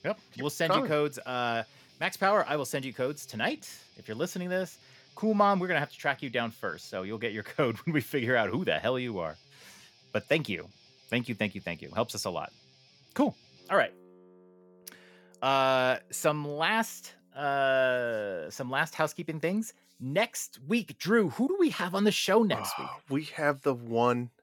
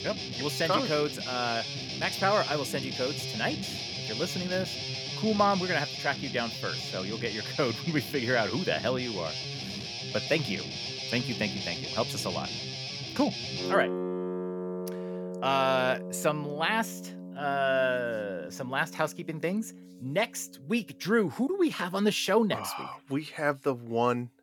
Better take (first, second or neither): first